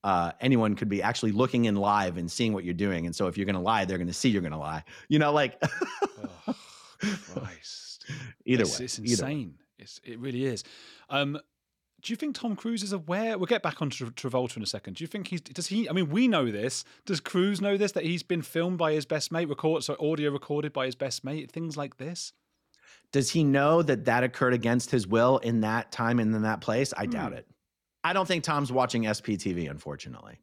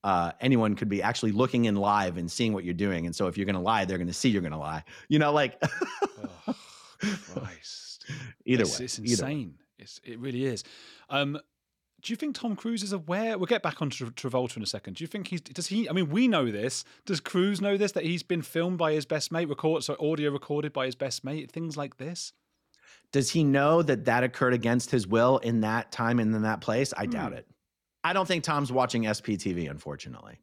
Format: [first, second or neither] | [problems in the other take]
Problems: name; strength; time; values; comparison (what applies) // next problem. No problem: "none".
neither | none